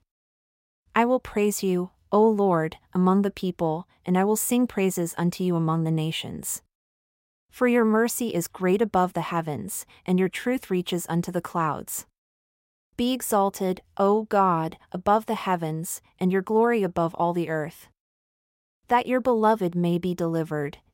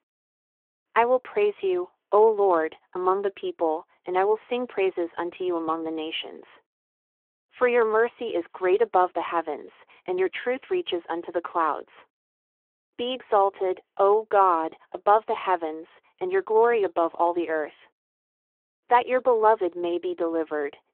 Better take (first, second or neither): first